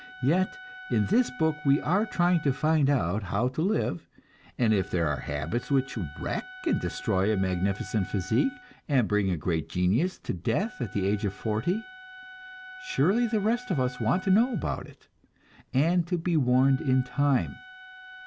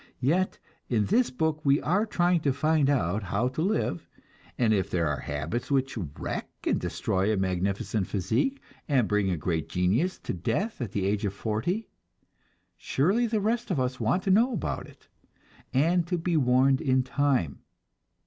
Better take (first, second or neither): second